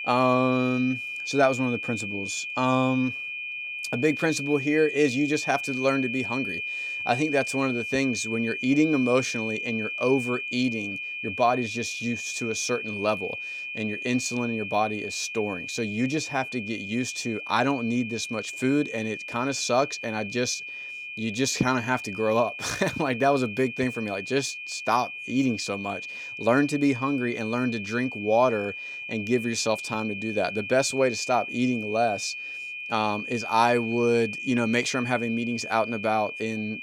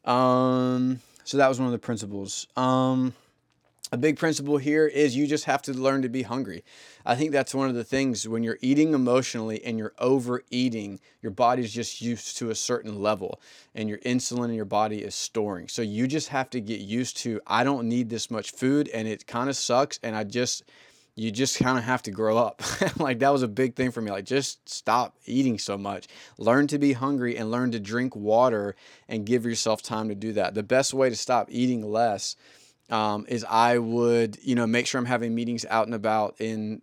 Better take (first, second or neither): second